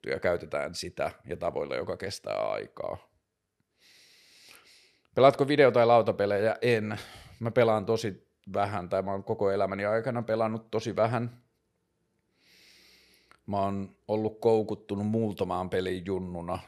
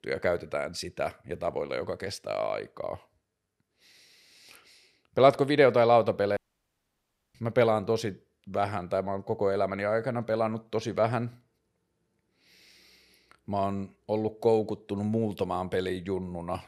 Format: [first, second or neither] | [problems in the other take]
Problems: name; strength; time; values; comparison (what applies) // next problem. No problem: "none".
first | audio cutting out; at 6.5 s for 1 s